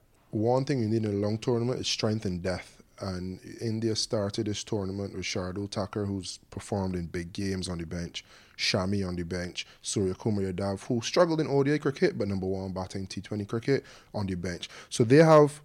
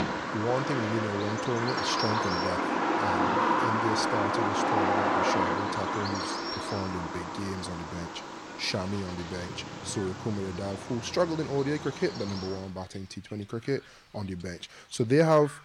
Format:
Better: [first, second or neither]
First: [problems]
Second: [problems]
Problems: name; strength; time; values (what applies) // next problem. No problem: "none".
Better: first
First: none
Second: animal sounds; very loud; throughout; 2 dB above the speech